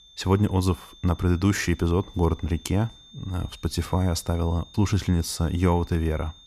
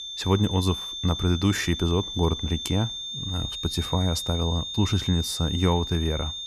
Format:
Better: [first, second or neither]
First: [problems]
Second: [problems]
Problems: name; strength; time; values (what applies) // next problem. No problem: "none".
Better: first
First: high-pitched whine; faint; throughout; 3.5 kHz, 25 dB below the speech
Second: high-pitched whine; loud; throughout; 3.5 kHz, 5 dB below the speech